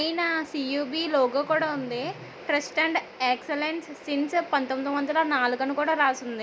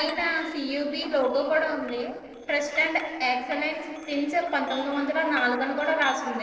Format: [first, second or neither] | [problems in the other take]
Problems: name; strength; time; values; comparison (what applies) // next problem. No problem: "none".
first | noise reduction (neural separator model SepFormer DNS4)